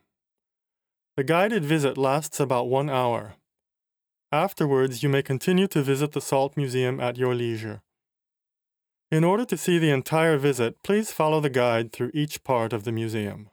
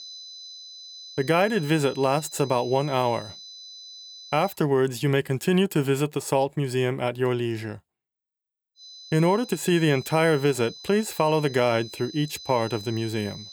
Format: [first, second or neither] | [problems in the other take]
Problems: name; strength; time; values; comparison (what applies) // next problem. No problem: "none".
first | high-pitched whine; noticeable; until 4.5 s and from 9 s on; 4 kHz, 15 dB below the speech